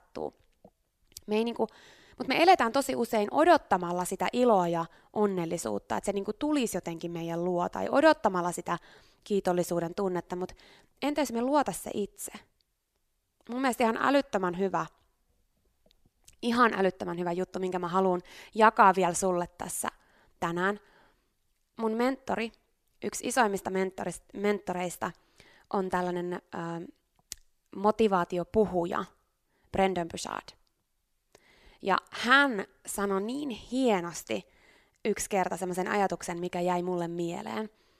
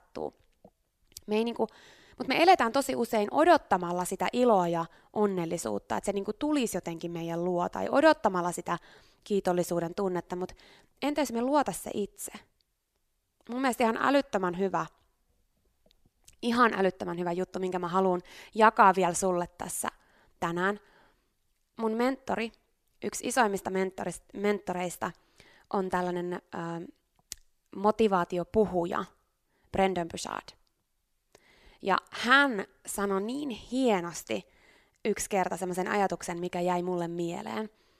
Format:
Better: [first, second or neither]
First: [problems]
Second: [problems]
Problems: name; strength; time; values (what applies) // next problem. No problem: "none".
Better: neither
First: none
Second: none